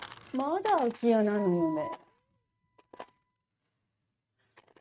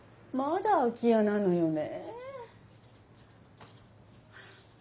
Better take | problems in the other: second | noise reduction (neural mask model RNNoise)

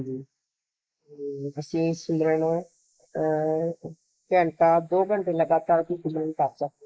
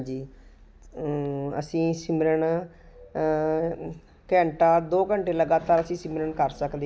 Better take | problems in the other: second | noise reduction (neural mask model Resemble Enhance denoiser)

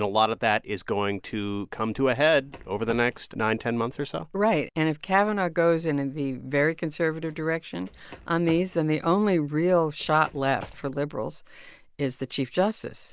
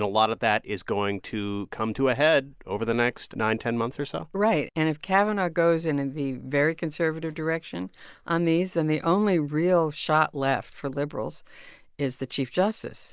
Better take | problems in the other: second | background sound (Run); 20 dB below the speech

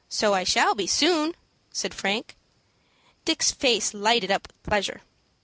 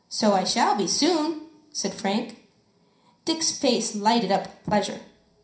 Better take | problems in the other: first | room echo; dies away in 0.5 s

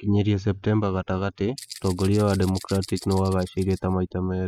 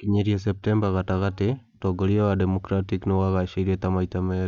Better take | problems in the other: second | noise reduction (classical method spectral subtraction)

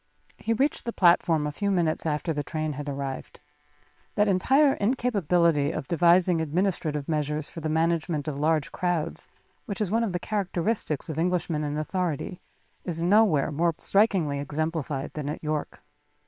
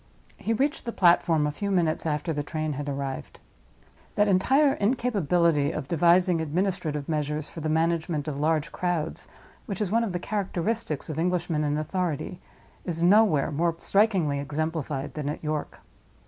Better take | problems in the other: second | noise reduction (neural separator model SepFormer WHAM!)

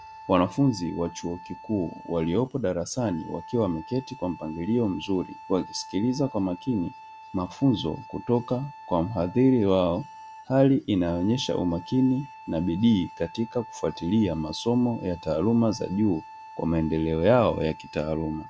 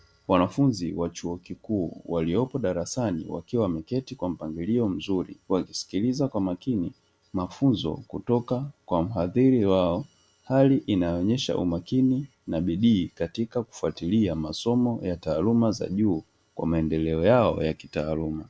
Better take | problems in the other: second | background sound (Wind instrument, woodwind instrument); 18 dB below the speech

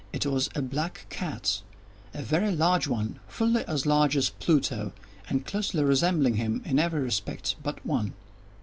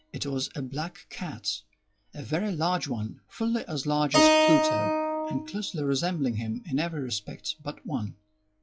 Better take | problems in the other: first | noise reduction (classical method log-MMSE)

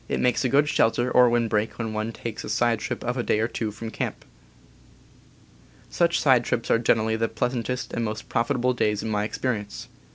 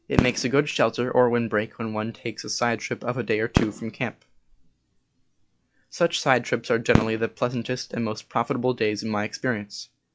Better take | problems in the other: first | noise reduction (classical method log-MMSE)

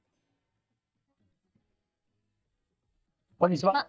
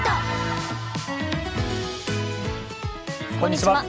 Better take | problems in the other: second | noise reduction (neural mask model DeepFilterNet 3)

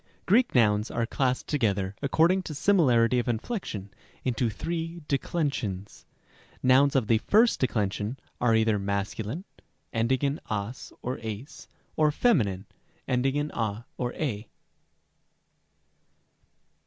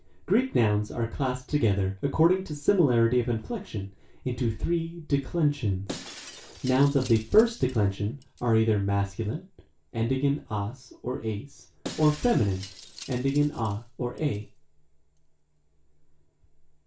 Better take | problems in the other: first | background sound (Shatter); 18 dB below the speech // room echo; dies away in 0.3 s

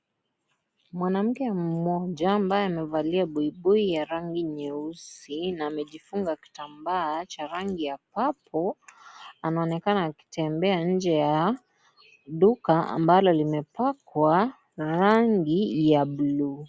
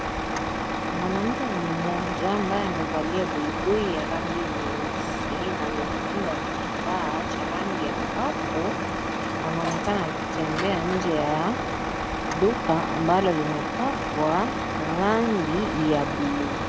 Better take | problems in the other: first | background sound (Truck); as loud as the speech

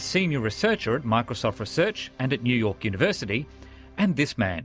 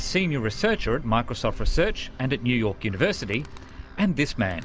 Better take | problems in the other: first | background sound (Animal); 7 dB below the speech

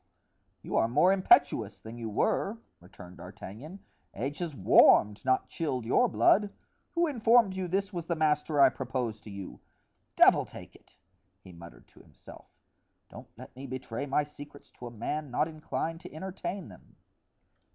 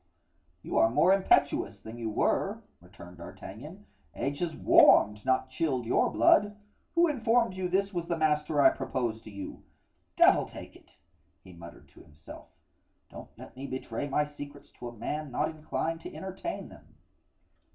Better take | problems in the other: first | room echo; dies away in 0.2 s

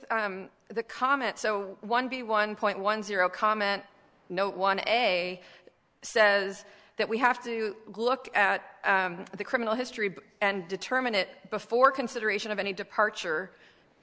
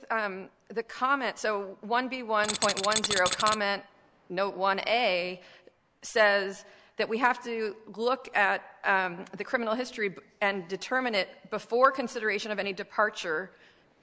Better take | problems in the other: first | background sound (Tools); 1 dB below the speech

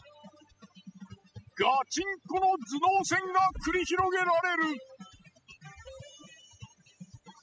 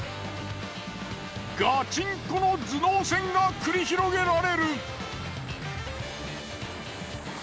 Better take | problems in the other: second | noise reduction (classical method spectral subtraction)

